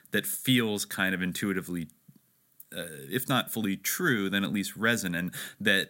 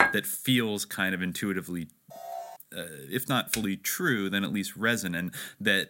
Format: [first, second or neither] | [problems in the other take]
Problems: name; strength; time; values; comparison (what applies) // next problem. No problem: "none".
first | clattering dishes; loud; at the start; peak 4 dB above the speech // alarm; faint; at 2 s; peak 10 dB below the speech // keyboard typing; noticeable; at 3.5 s; peak 5 dB below the speech